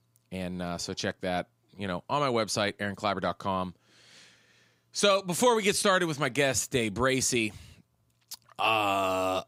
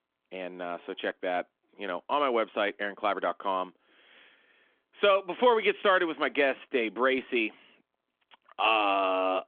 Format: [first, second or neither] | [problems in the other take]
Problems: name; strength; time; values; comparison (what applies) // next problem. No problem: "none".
first | phone-call audio; nothing above 3.5 kHz